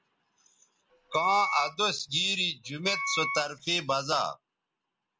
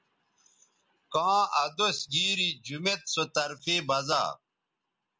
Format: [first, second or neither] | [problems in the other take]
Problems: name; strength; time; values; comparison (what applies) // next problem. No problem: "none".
second | background sound (Wind instrument, woodwind instrument); 4 dB below the speech